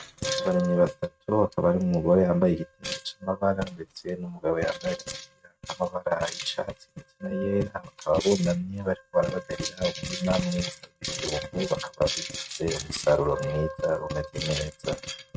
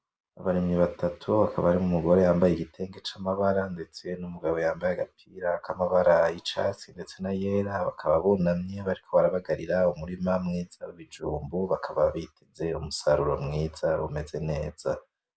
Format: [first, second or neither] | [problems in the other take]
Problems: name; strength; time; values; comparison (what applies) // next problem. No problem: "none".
second | noise reduction (neural mask model RNNoise)